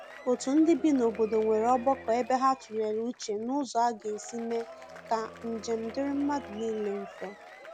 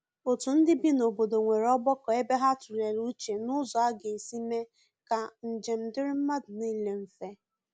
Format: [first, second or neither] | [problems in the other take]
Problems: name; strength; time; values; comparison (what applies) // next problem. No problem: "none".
second | background sound (Bowed string instrument + Applause / Crowd / Cheering); 17 dB below the speech